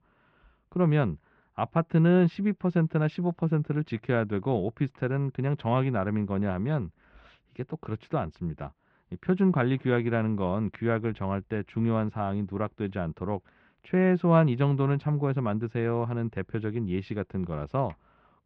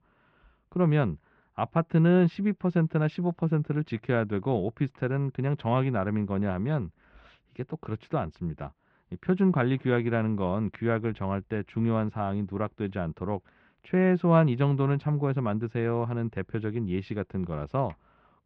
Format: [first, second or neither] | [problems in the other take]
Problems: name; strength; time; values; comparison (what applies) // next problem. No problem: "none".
neither | muffled; very; fading above 3 kHz; the same in both